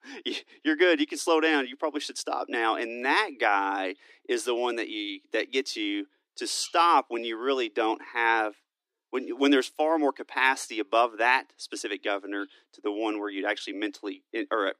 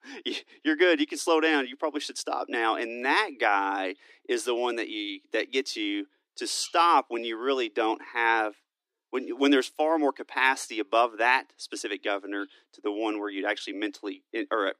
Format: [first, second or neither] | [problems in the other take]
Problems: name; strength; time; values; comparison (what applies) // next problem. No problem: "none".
neither | thin; somewhat; fading below 300 Hz; the same in both